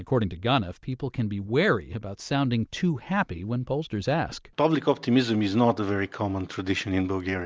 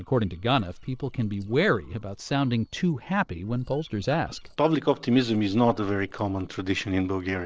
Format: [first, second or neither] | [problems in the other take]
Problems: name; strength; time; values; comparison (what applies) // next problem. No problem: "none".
first | noise reduction (neural separator model SepFormer DNS4)